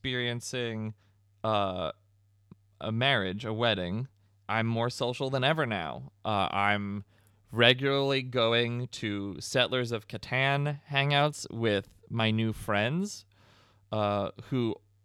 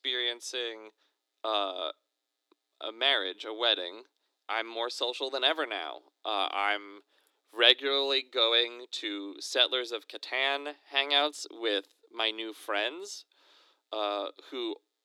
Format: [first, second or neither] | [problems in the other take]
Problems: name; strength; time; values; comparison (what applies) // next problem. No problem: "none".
first | thin; very; fading below 300 Hz